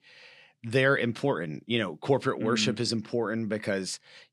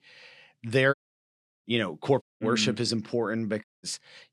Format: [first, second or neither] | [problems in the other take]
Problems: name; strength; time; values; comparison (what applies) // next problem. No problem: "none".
first | audio cutting out; at 1 s for 0.5 s, at 2 s and at 3.5 s